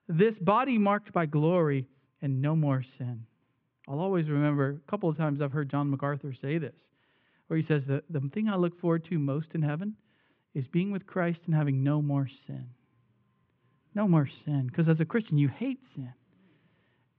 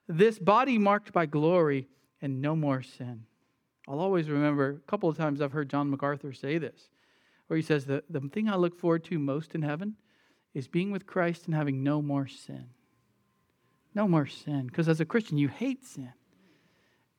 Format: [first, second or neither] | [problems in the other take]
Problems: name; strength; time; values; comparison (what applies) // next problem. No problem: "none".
second | muffled; very; fading above 3.5 kHz